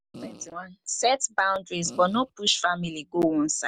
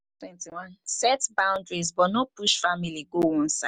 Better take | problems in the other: second | background sound (Fart); 17 dB below the speech

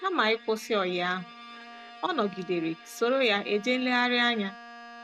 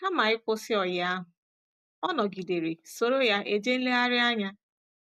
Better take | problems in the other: second | background sound (Bowed string instrument); 18 dB below the speech

